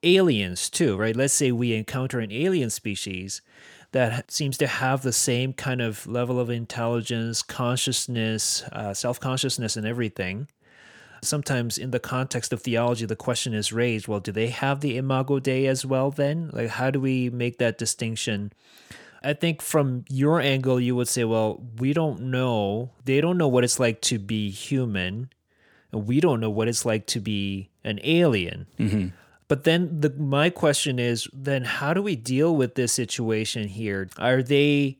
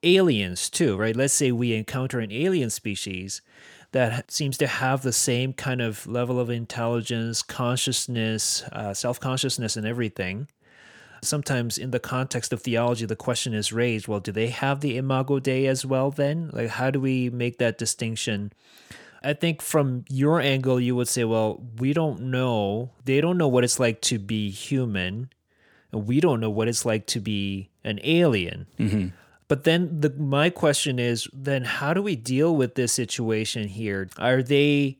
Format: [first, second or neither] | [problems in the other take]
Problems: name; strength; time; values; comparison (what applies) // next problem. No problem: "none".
neither | none